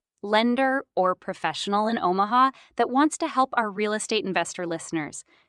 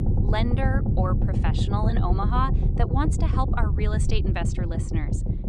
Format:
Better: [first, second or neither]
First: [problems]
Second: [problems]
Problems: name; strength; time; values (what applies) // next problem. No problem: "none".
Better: first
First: none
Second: low rumble; loud; throughout; 6 dB below the speech